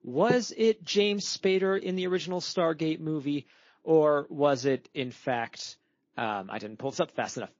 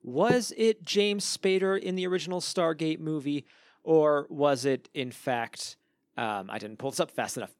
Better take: second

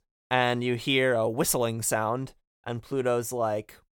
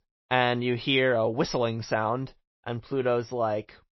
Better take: first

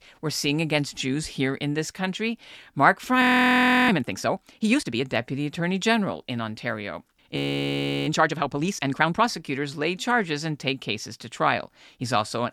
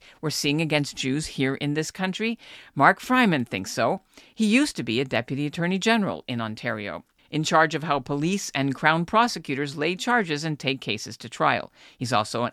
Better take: second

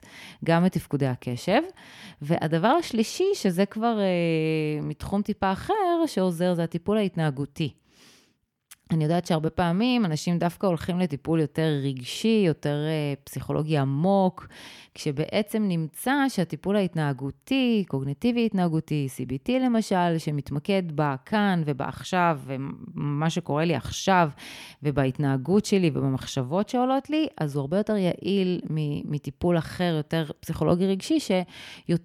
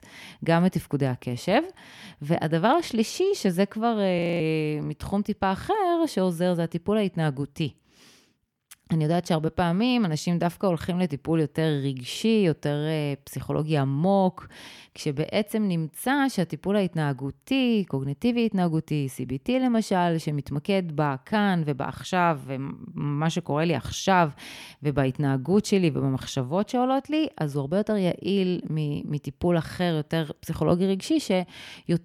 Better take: first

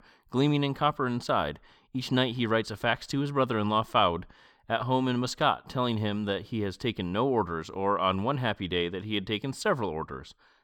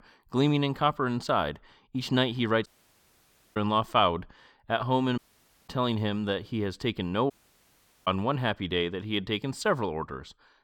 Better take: first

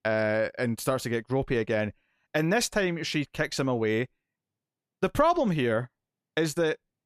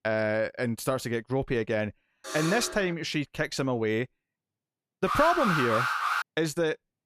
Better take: first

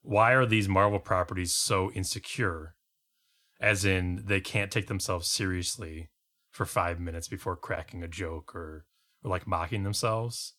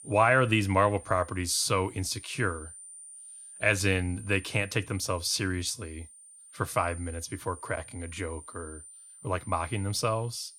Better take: first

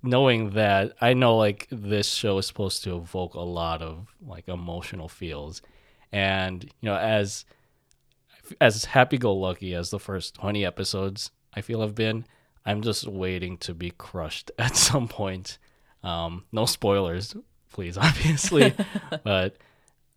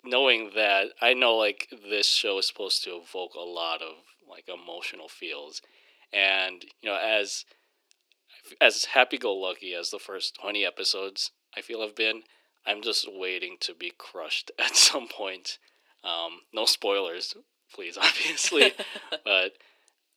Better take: first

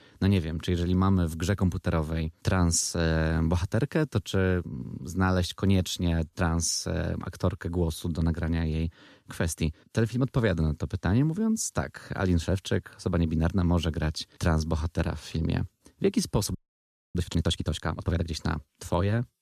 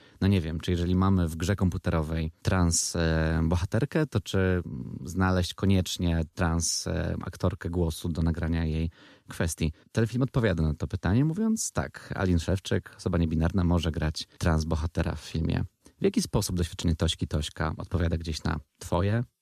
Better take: second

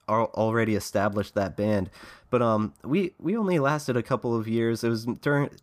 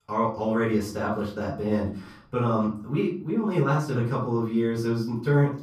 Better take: first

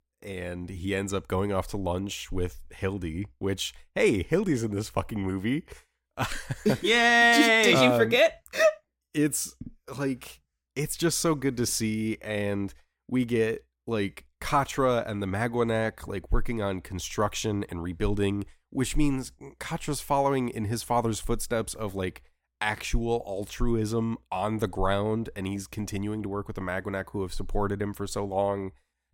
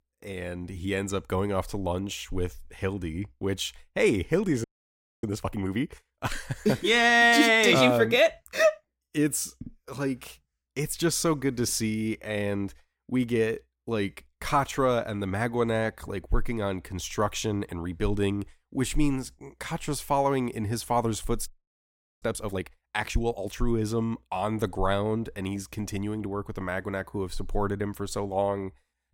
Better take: first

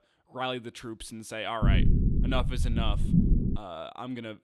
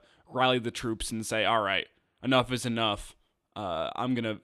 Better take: second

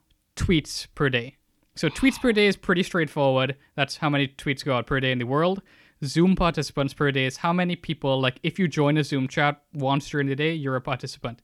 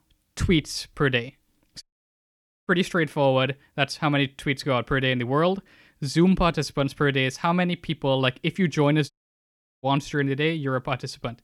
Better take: first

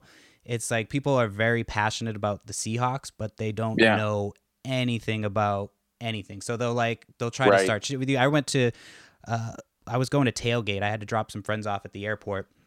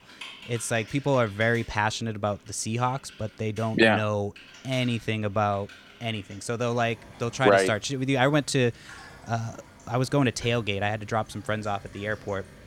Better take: first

